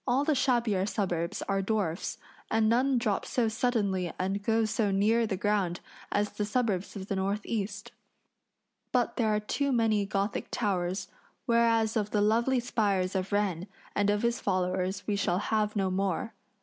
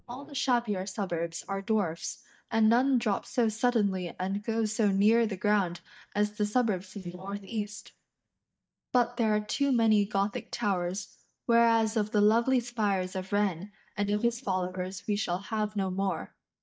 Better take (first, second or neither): first